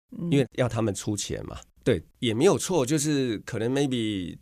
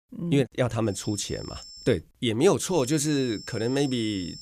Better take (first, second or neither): first